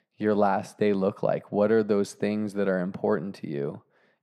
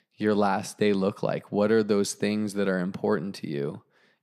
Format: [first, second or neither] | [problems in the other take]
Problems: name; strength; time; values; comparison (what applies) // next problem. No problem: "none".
second | muffled; slightly; fading above 3 kHz